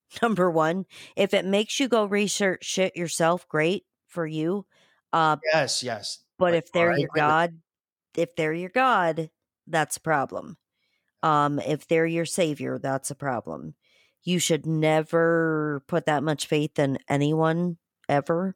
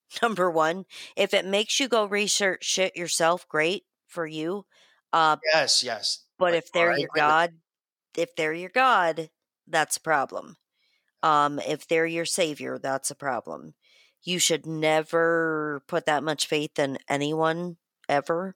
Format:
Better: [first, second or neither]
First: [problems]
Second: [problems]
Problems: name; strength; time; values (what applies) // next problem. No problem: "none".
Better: first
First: none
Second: thin; very slightly; fading below 500 Hz